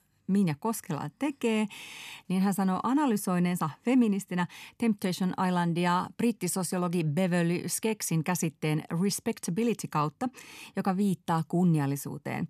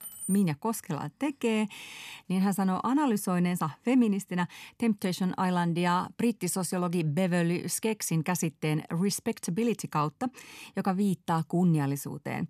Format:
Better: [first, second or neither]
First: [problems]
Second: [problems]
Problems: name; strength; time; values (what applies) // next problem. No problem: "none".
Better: first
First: none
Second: jangling keys; noticeable; at the start; peak 8 dB below the speech